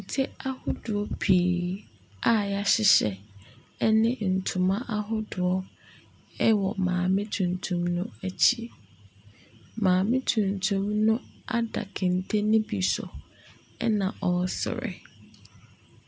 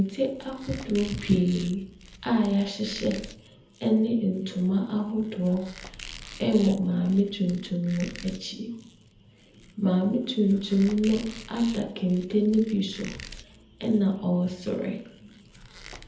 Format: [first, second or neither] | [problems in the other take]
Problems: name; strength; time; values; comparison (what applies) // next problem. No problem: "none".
first | background sound (Squeak); 19 dB below the speech // room echo; dies away in 0.7 s